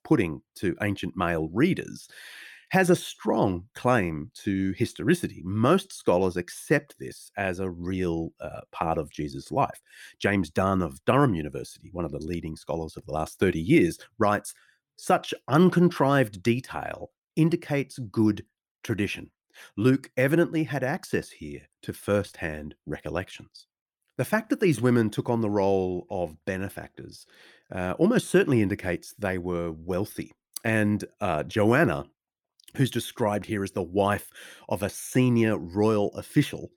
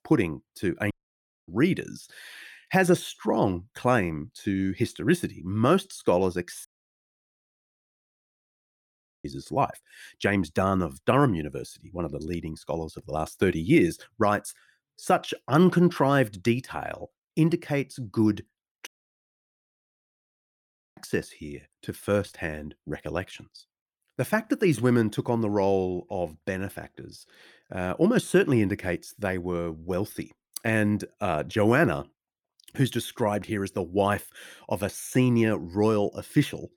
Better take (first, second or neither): first